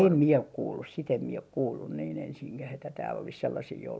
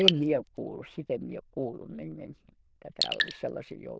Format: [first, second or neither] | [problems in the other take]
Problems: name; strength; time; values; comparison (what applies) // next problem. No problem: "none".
first | noise reduction (neural diffusion model UNIVERSE++)